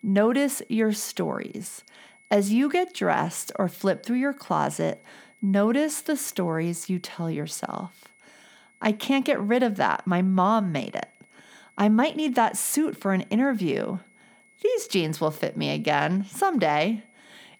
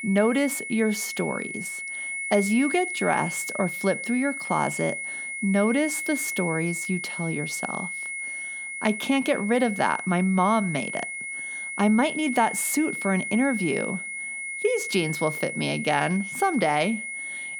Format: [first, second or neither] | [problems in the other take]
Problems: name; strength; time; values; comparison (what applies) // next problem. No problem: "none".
first | high-pitched whine; loud; throughout; 2 kHz, 5 dB below the speech; faint in the first